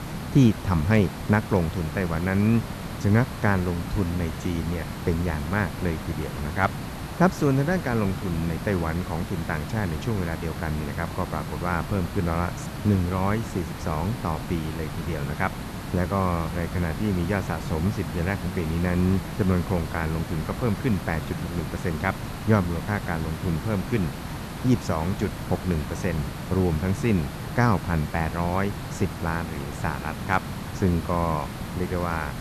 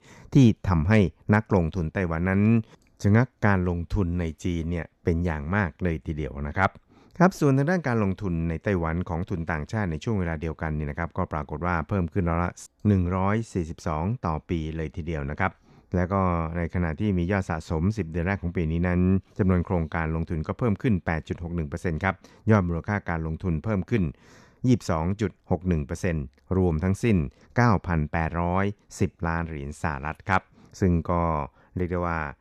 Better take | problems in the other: second | hiss; loud; throughout; 7 dB below the speech

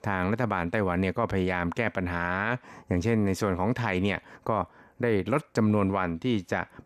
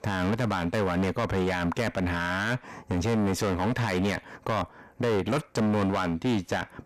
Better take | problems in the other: first | distortion; heavy; 17% of the sound clipped

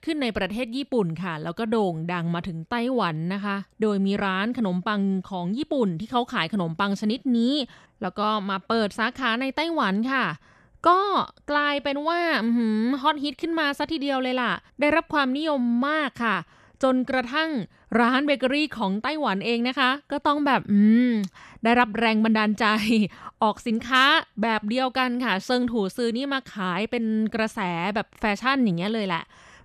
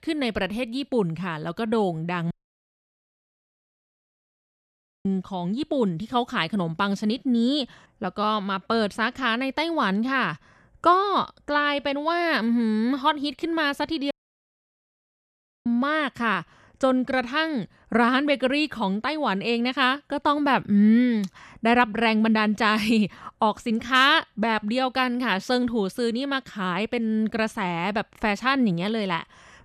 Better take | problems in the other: first | audio cutting out; at 2.5 s for 2.5 s and at 14 s for 1.5 s

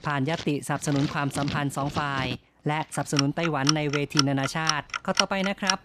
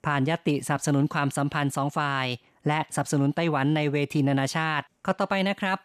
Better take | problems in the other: second | household noises; loud; throughout; 3 dB below the speech

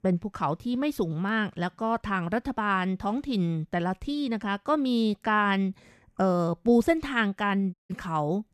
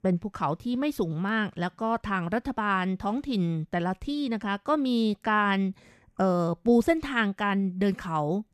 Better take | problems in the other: second | audio cutting out; at 7.5 s

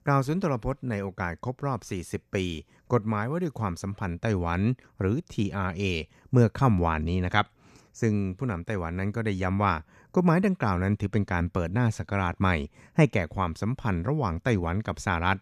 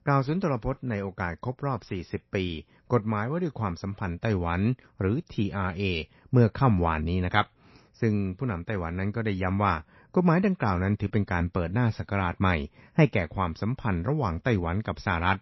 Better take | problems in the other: first | garbled, watery; slightly; nothing above 5.5 kHz

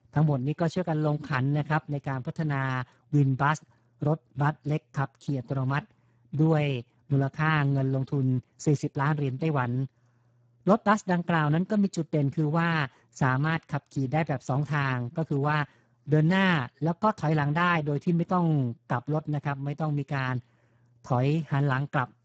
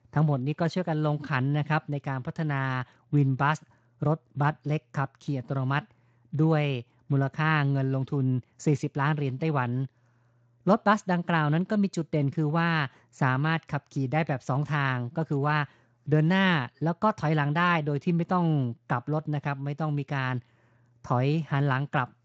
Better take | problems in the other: second | garbled, watery; badly; nothing above 7.5 kHz; slightly in the second

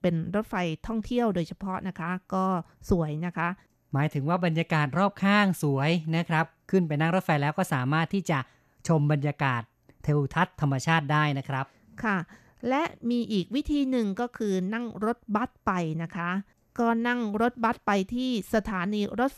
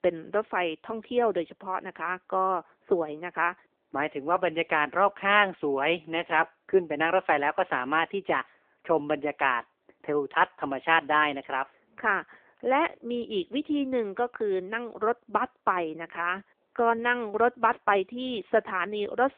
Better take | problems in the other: first | phone-call audio

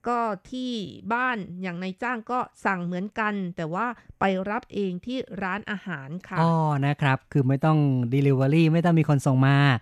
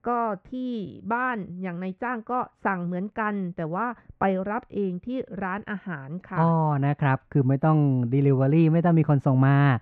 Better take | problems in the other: first | muffled; very; fading above 4 kHz

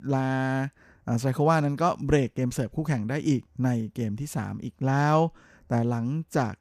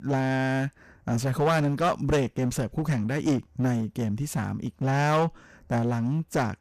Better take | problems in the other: first | distortion; heavy; 11% of the sound clipped

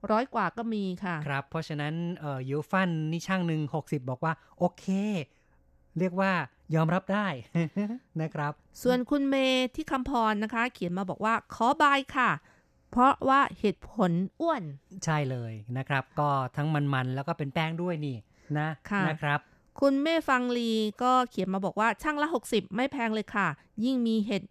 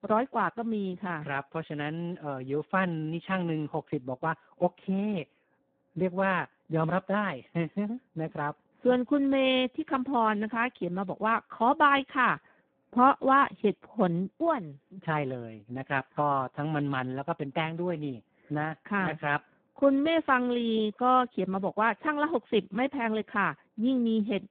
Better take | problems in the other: first | phone-call audio; poor line; nothing above 3.5 kHz

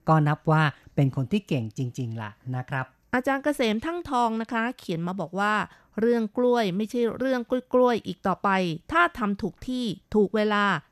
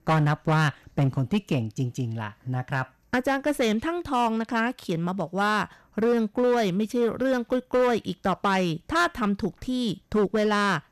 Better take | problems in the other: first | distortion; slight; 7% of the sound clipped

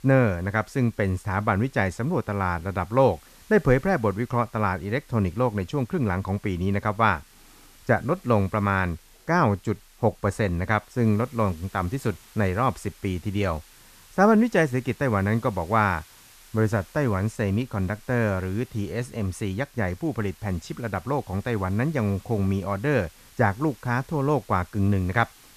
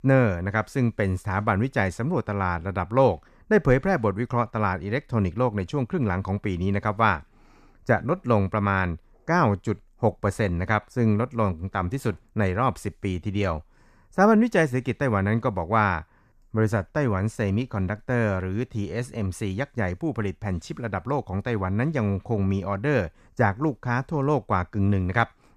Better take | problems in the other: second | hiss; faint; throughout; 25 dB below the speech

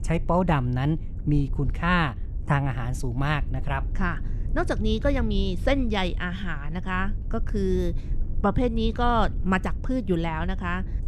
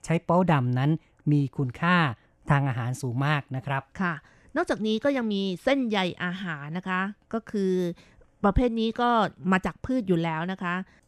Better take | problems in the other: second | low rumble; faint; throughout; 20 dB below the speech

